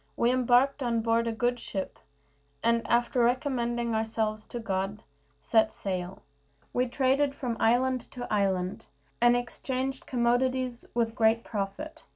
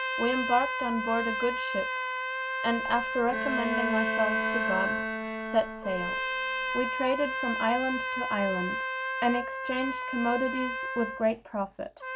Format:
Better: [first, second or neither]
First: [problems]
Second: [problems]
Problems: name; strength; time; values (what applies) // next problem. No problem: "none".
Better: first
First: none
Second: background sound (Bowed string instrument + Trumpet); 1 dB below the speech